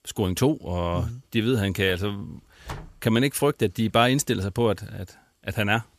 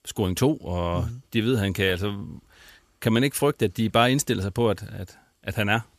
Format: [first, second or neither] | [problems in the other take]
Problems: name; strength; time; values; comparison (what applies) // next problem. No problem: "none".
second | door banging; faint; at 2.5 s; peak 15 dB below the speech